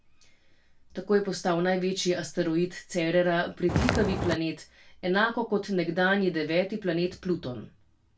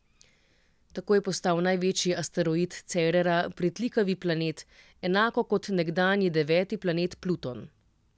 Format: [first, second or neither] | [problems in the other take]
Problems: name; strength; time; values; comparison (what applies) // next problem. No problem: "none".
second | background sound (Walk, footsteps); 1 dB above the speech // room echo; dies away in 0.2 s